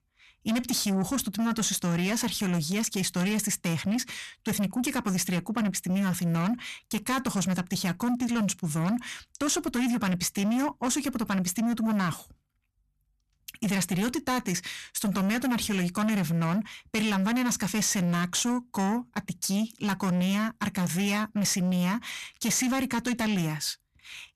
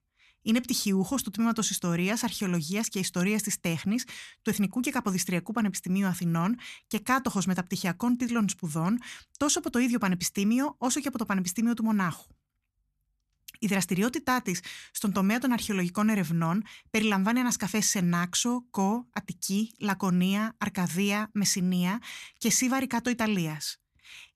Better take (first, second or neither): second